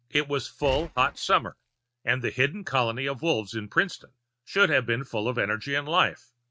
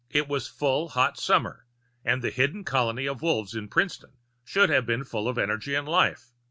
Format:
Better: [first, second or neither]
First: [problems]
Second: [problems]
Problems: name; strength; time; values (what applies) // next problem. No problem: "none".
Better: second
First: noise reduction (neural mask model RNNoise)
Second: none